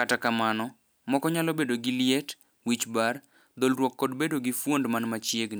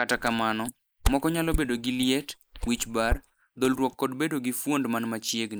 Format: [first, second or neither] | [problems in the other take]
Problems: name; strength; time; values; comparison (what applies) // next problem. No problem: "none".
first | noise reduction (neural mask model Resemble Enhance denoiser)